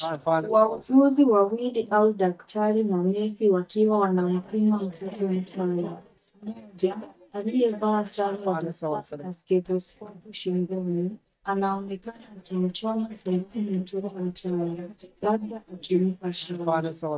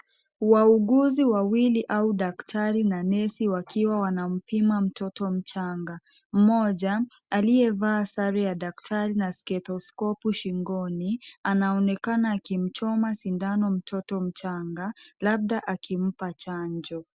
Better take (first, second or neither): second